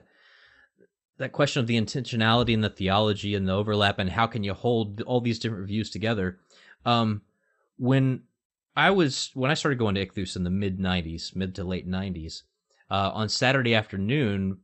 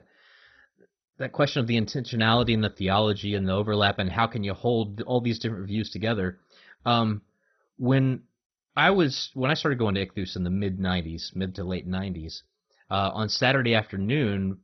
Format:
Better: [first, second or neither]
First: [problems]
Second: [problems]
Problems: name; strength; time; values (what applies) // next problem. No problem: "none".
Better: first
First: garbled, watery; slightly; nothing above 8 kHz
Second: garbled, watery; badly; nothing above 5.5 kHz